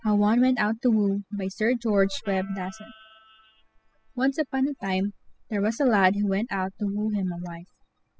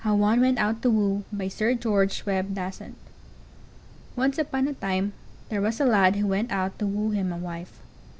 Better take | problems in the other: second | noise reduction (classical method spectral subtraction)

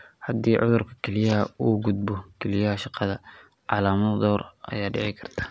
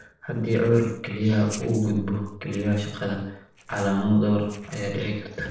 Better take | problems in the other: first | noise reduction (neural separator model SepFormer DNS4)

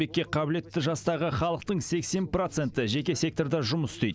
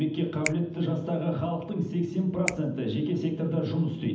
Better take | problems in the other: first | background sound (Finger snapping); 14 dB below the speech // room echo; dies away in 0.8 s

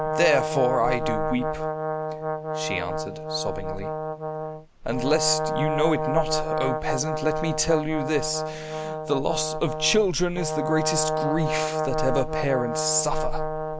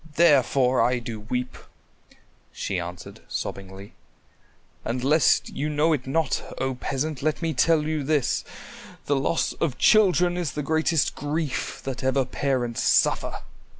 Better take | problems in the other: second | background sound (Brass instrument); 2 dB below the speech

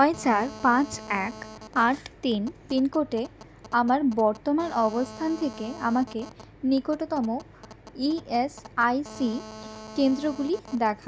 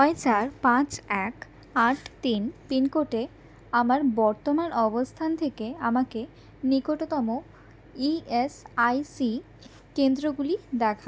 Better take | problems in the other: second | background sound (Telephone); 18 dB below the speech

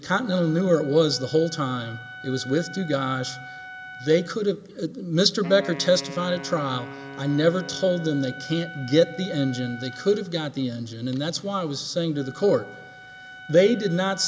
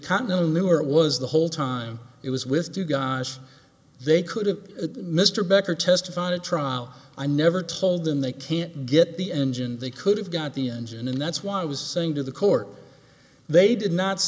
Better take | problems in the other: second | background sound (Wind instrument, woodwind instrument + Wind instrument, woodwind instrument); 16 dB below the speech

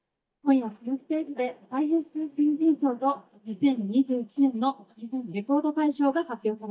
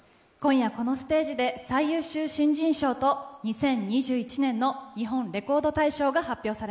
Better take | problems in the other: second | noise reduction (neural mask model DeepFilterNet 3)

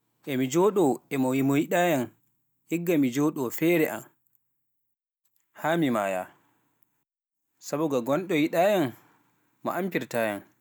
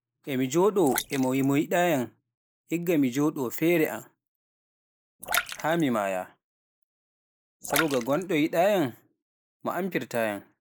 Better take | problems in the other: first | noise reduction (neural mask model Resemble Enhance denoiser)

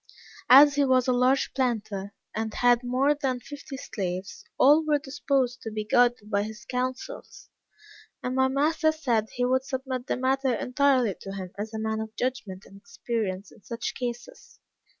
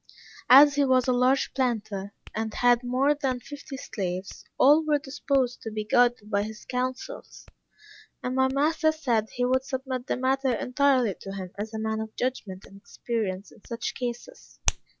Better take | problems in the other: first | background sound (Hands); 18 dB below the speech

